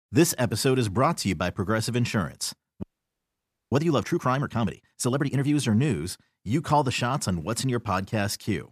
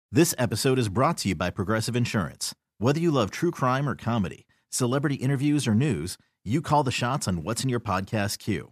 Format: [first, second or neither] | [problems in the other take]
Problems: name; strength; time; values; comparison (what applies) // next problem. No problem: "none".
second | audio freezing; at 3 s for 1 s